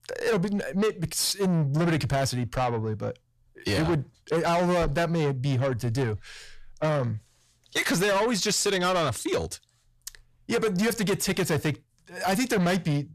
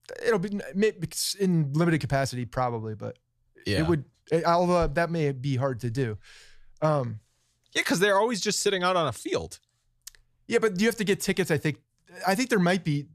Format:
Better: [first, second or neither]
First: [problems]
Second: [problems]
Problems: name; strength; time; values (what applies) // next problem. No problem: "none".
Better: second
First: distortion; heavy; 8 dB below the speech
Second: none